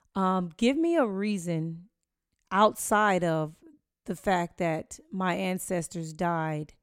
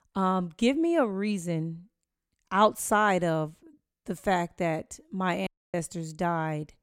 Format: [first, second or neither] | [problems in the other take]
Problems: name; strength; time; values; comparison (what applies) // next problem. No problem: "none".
first | audio cutting out; at 5.5 s